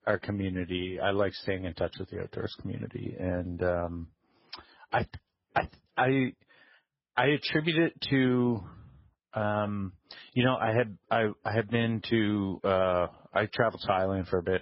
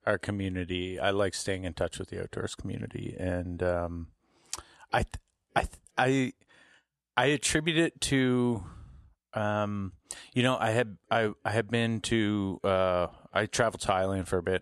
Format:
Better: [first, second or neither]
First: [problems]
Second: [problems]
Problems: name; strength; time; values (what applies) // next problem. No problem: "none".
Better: second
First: garbled, watery; badly; nothing above 5.5 kHz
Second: none